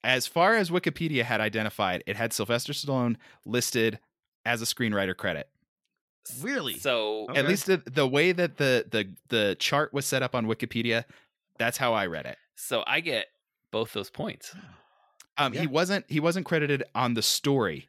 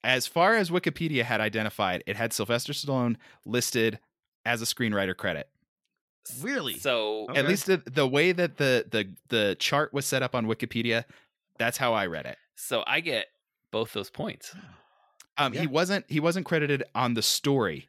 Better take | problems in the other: neither | none

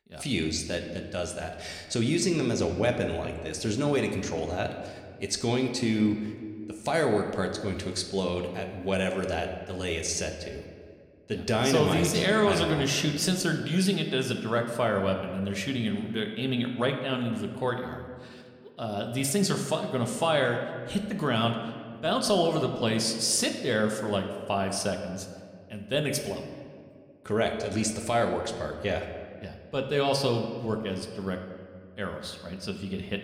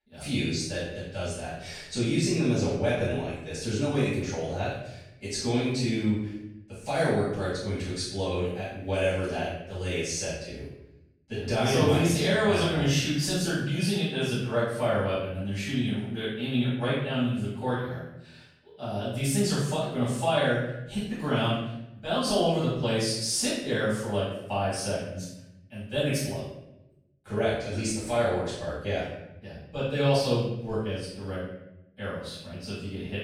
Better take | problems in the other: first | room echo; strong; dies away in 0.8 s; slight in the first // off-mic speech; far

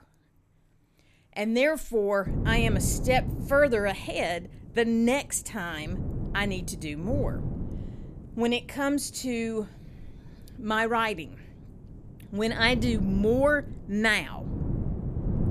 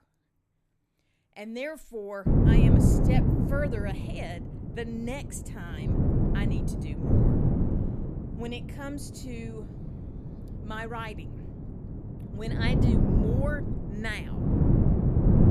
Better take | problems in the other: first | wind noise on the microphone; heavy; from 2.5 s on; 3 dB above the speech; occasional gusts in the first

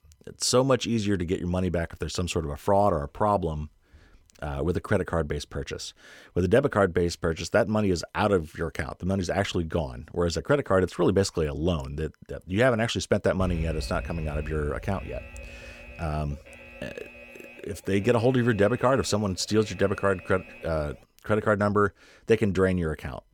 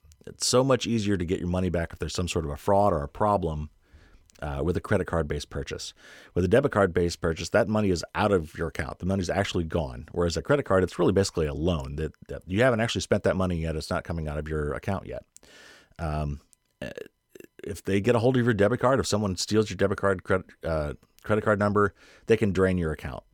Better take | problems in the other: second | alarm; noticeable; from 13 to 21 s; peak 8 dB below the speech

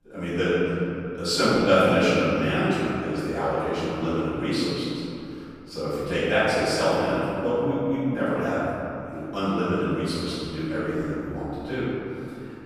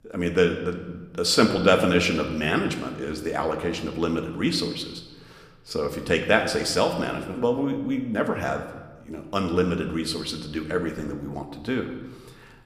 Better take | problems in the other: second | room echo; strong; dies away in 2.7 s; slight in the second // off-mic speech; far

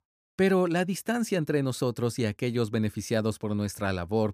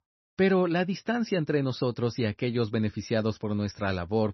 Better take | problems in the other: first | garbled, watery; slightly; nothing above 6 kHz

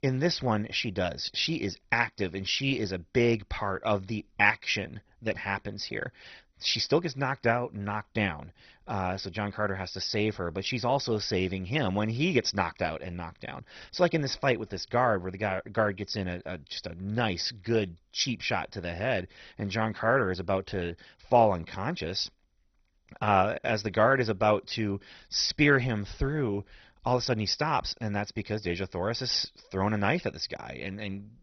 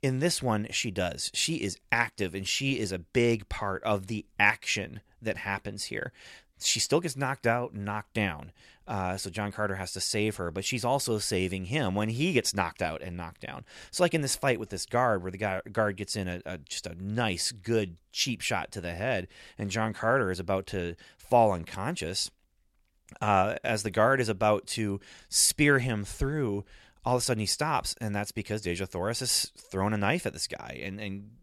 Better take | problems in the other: second | garbled, watery; badly; nothing above 6 kHz

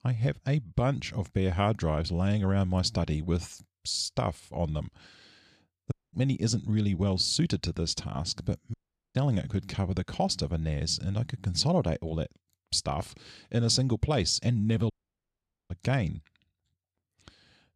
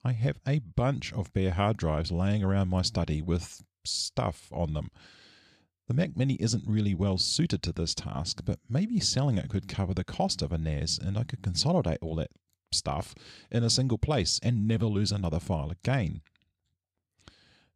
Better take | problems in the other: second | audio cutting out; at 6 s, at 8.5 s and at 15 s for 1 s

